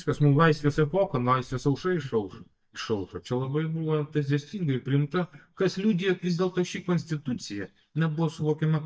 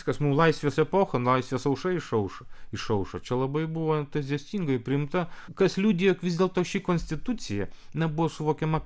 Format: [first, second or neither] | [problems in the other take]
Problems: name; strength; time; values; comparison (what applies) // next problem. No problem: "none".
second | noise reduction (neural mask model DeepFilterNet 3)